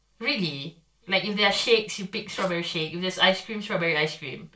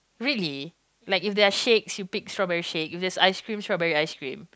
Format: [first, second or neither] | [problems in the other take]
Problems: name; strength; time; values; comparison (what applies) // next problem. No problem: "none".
second | noise reduction (neural separator model SepFormer DNS4)